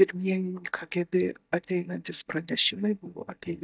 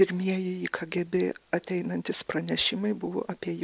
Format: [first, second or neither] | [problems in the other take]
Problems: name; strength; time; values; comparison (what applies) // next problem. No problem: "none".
second | noise reduction (neural mask model DeepFilterNet 3)